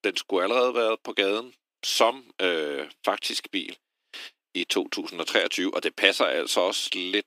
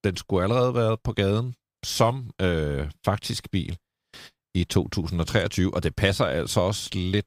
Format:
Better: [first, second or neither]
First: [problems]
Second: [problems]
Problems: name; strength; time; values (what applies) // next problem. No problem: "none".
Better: second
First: thin; somewhat; fading below 300 Hz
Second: none